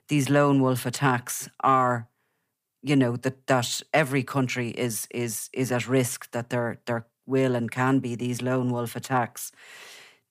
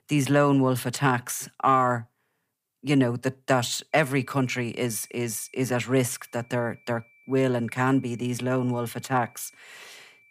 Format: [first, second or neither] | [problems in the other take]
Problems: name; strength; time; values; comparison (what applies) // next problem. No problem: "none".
first | high-pitched whine; faint; from 4 s on; 2.5 kHz, 30 dB below the speech